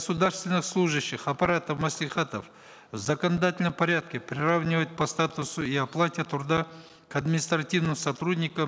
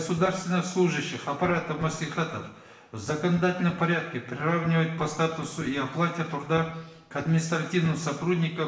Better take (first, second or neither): first